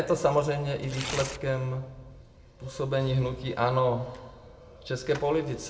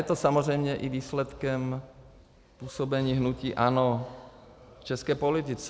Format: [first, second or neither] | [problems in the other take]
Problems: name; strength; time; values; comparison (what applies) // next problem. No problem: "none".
second | background sound (Tearing); 16 dB below the speech // room echo; dies away in 0.6 s